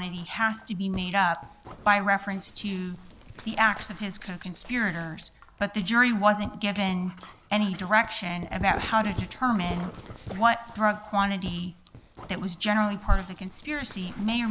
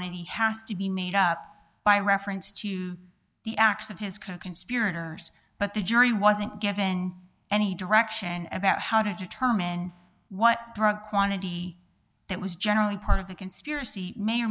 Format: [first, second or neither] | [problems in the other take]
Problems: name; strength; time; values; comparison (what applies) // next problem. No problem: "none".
second | background sound (Dog); 16 dB below the speech